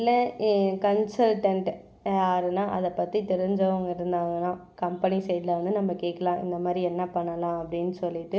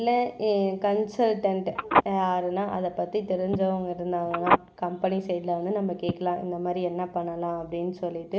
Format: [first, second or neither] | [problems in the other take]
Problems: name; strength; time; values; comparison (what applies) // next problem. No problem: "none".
first | background sound (Telephone); 3 dB below the speech